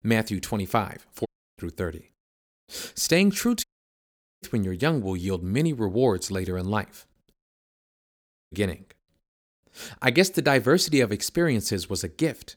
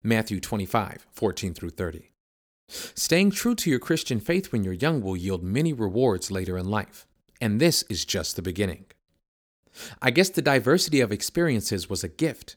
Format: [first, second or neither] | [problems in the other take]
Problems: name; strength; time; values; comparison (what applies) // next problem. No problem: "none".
second | audio cutting out; at 1.5 s, at 3.5 s for 1 s and at 7.5 s for 1 s